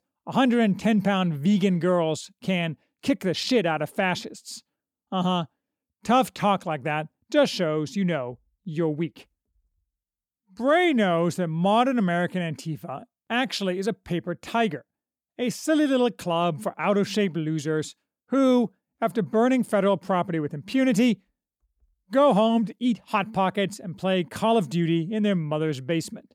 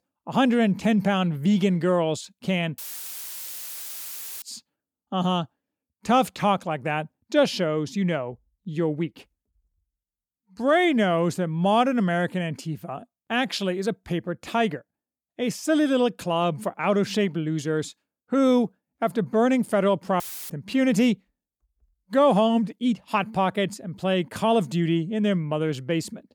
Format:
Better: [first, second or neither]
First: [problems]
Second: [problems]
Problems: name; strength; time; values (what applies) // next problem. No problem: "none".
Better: first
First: none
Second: audio cutting out; filled with static; at 3 s for 1.5 s and at 20 s